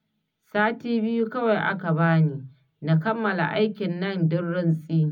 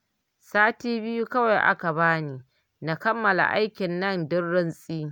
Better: second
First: room echo; dies away in 0.4 s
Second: none

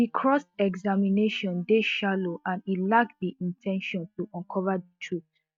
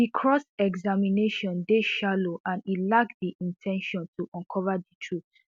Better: second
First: noise reduction (neural mask model DeepFilterNet 3)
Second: none

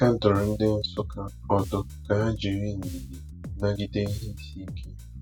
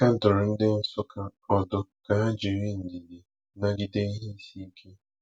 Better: second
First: background sound (Bass guitar); 11 dB below the speech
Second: none

